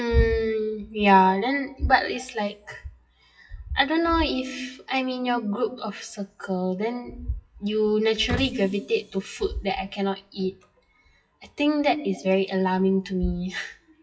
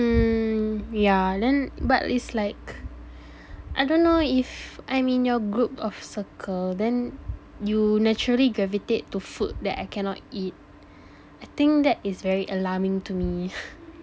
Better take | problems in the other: second | noise reduction (classical method WPE with log-MMSE)

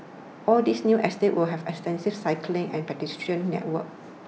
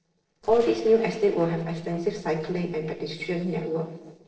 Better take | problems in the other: first | noise reduction (neural separator model SepFormer DNS4)

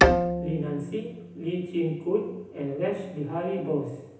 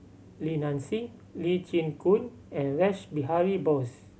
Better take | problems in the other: second | background sound (Bowed string instrument); 2 dB above the speech // room echo; dies away in 0.9 s

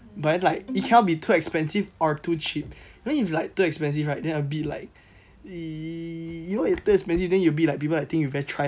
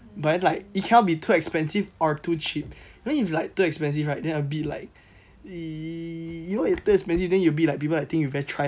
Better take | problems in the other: second | background sound (Bowed string instrument); 12 dB below the speech

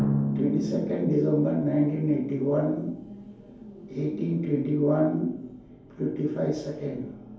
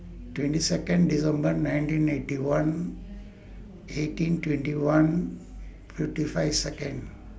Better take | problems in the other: second | background sound (Drum); 8 dB below the speech // room echo; dies away in 2.4 s

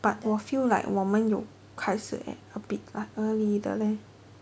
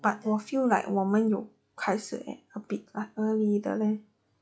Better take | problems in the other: first | noise reduction (classical method log-MMSE)

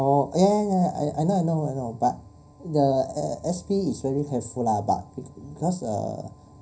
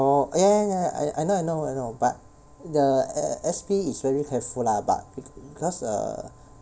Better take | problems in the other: second | room echo; dies away in 0.4 s

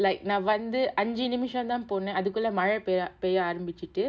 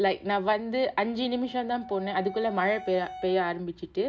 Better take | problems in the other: first | background sound (Wind instrument, woodwind instrument); 17 dB below the speech

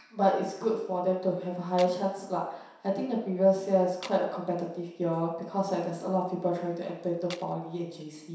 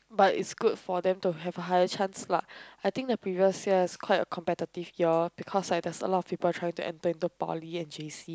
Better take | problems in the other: second | background sound (Tools); 17 dB below the speech // room echo; dies away in 0.7 s

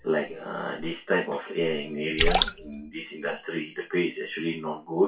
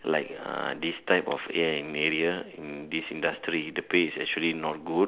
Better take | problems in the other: second | noise reduction (classical method WPE with log-MMSE)

